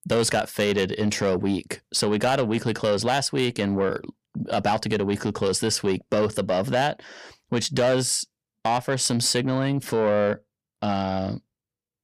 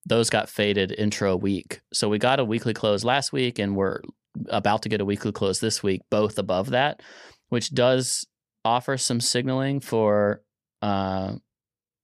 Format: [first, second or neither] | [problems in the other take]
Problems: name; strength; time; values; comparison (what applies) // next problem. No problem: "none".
second | distortion; slight; 10 dB below the speech